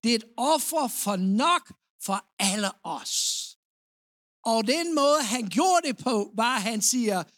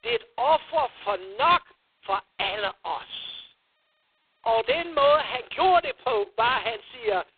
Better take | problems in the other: first | phone-call audio; poor line; nothing above 4 kHz

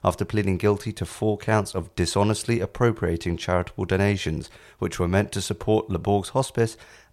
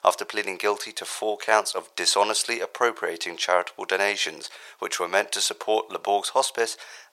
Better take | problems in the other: first | thin; very; fading below 550 Hz

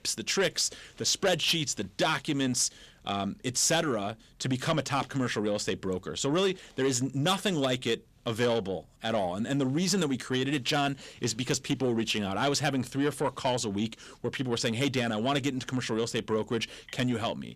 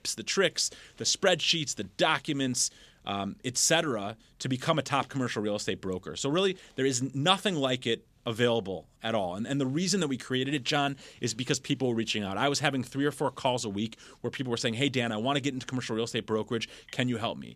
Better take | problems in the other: second | distortion; slight; 10 dB below the speech

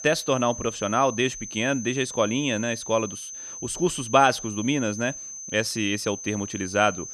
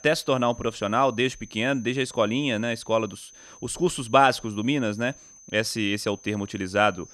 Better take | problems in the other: second | high-pitched whine; loud; throughout; 6 kHz, 10 dB below the speech; faint in the second

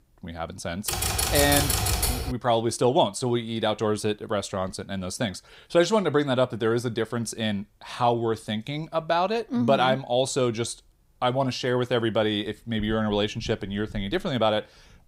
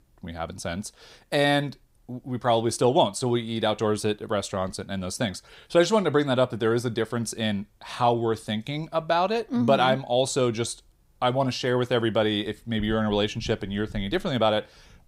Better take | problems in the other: second | keyboard typing; loud; from 1 to 2.5 s; peak 4 dB above the speech

